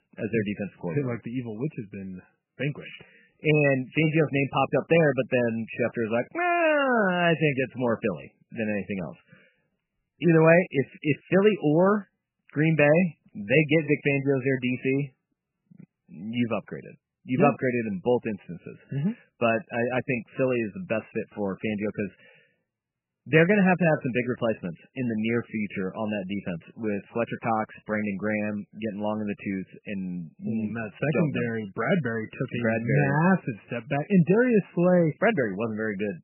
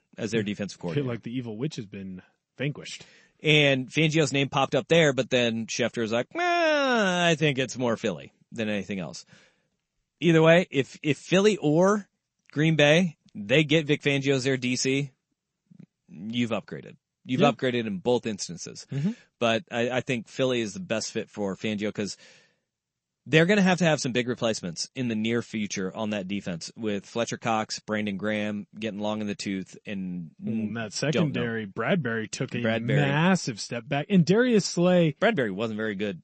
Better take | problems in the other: second | garbled, watery; badly; nothing above 3 kHz; slightly in the second

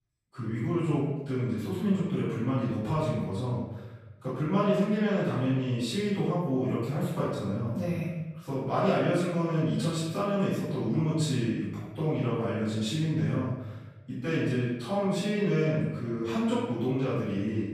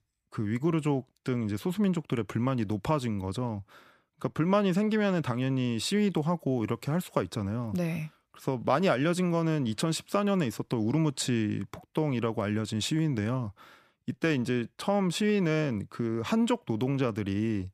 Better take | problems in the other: second | off-mic speech; far // room echo; strong; dies away in 1 s

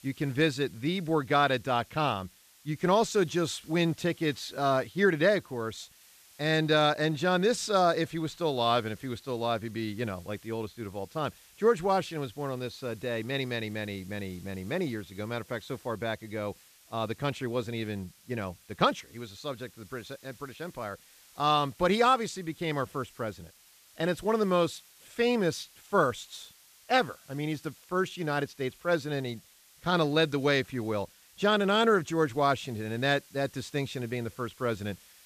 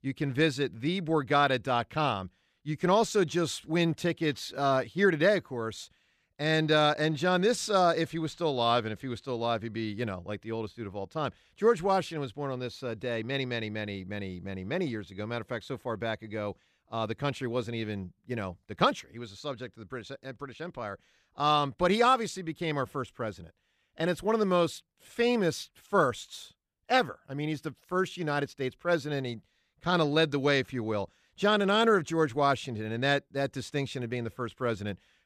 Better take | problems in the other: second | hiss; faint; throughout; 25 dB below the speech

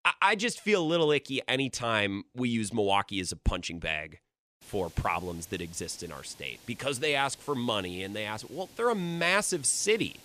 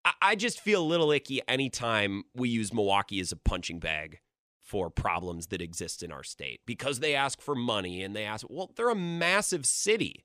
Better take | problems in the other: second | hiss; faint; from 4.5 s on; 25 dB below the speech

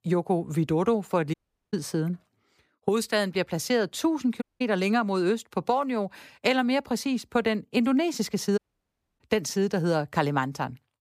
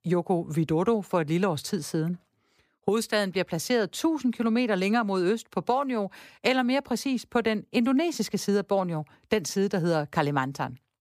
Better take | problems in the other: second | audio cutting out; at 1.5 s, at 4.5 s and at 8.5 s for 0.5 s

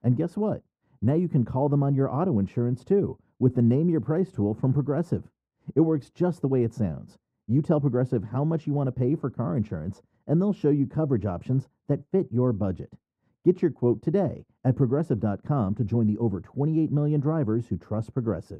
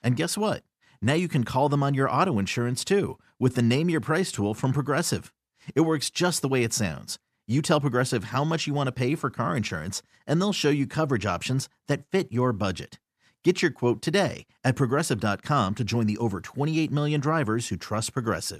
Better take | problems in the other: second | muffled; very; fading above 1.5 kHz

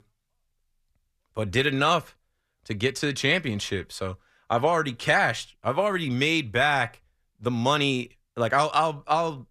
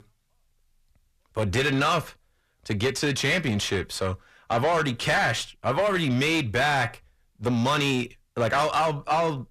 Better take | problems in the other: first | distortion; heavy; 7 dB below the speech

